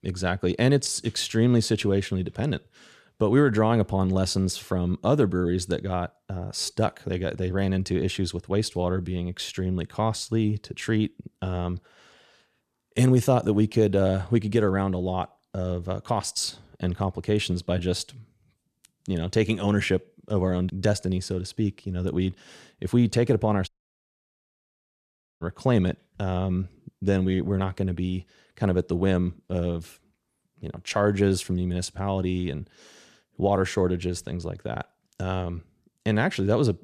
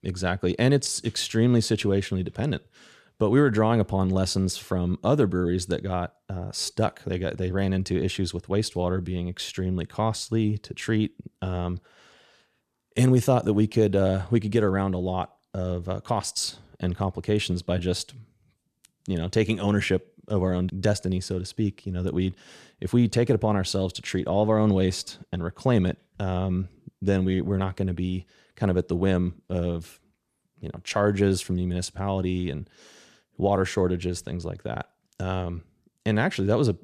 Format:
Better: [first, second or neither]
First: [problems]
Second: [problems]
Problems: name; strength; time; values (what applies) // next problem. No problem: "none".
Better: second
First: audio cutting out; at 24 s for 1.5 s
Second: none